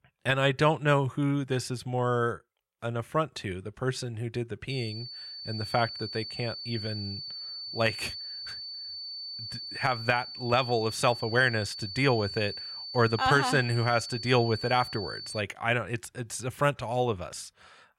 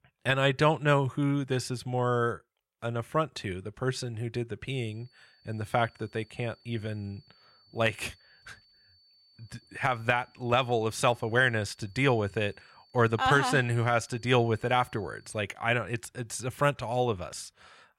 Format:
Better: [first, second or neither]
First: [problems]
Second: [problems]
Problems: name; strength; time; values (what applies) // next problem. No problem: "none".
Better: second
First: high-pitched whine; loud; from 4.5 to 15 s; 4.5 kHz, 8 dB below the speech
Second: high-pitched whine; faint; from 4.5 to 15 s; 4.5 kHz, 30 dB below the speech